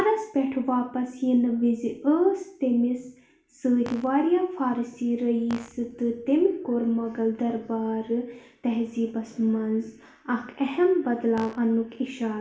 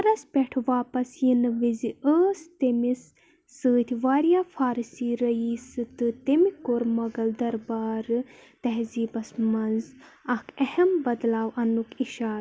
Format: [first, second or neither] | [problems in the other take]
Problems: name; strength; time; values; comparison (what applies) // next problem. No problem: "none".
second | background sound (Fart); 15 dB below the speech // room echo; dies away in 0.5 s